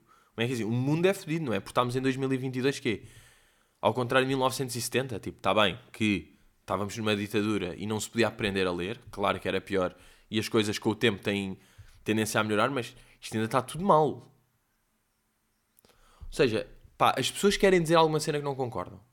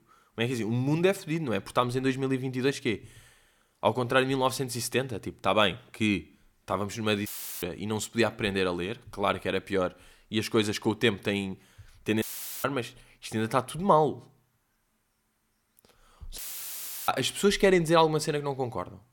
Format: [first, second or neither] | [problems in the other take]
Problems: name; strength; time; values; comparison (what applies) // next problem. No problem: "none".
first | audio cutting out; filled with static; at 7.5 s, at 12 s and at 16 s for 0.5 s